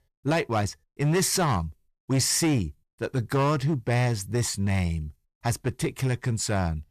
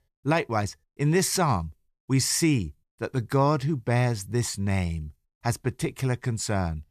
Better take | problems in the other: second | distortion; slight; 9% of the sound clipped

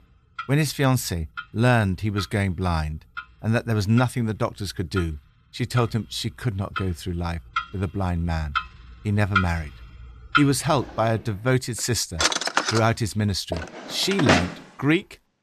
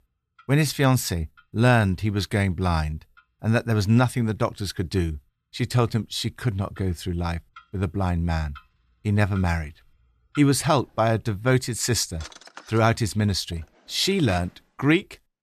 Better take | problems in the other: second | household noises; loud; throughout; 3 dB below the speech; faint in the second

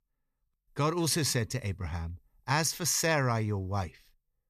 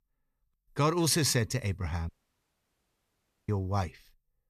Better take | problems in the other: first | audio cutting out; at 2 s for 1.5 s

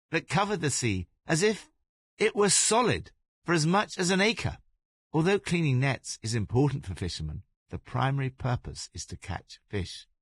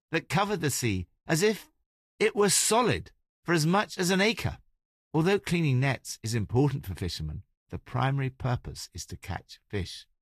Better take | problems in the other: second | garbled, watery; badly; nothing above 10 kHz; slightly in the second

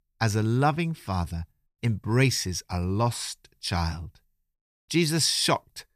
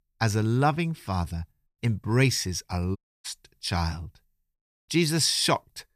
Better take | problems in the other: first | audio cutting out; at 3 s

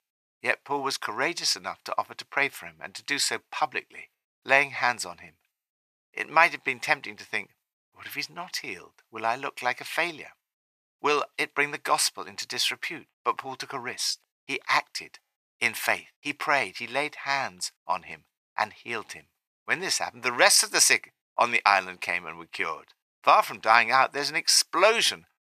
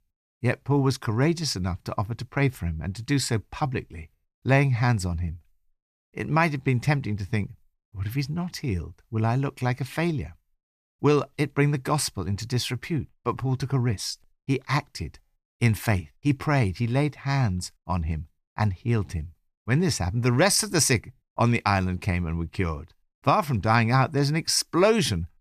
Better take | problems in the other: second | thin; very; fading below 750 Hz

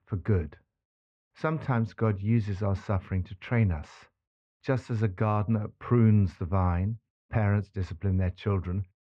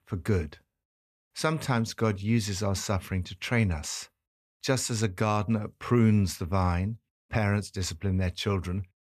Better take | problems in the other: second | muffled; very; fading above 2 kHz

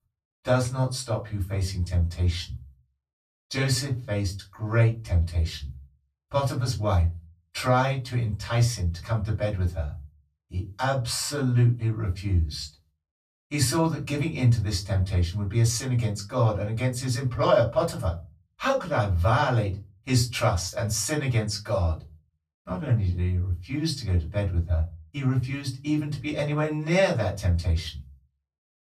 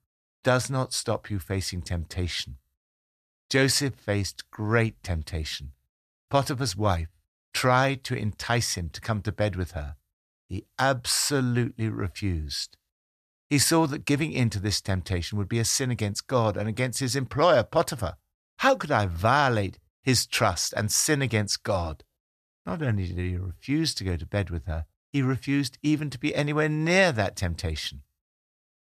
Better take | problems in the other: second | off-mic speech; far // room echo; very slight; dies away in 0.3 s

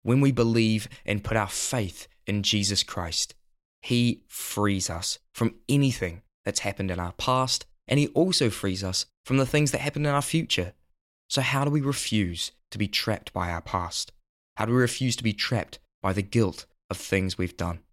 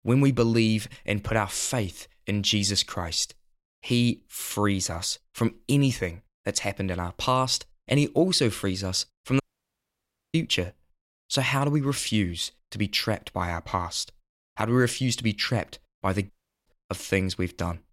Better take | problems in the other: first | audio cutting out; at 9.5 s for 1 s and at 16 s

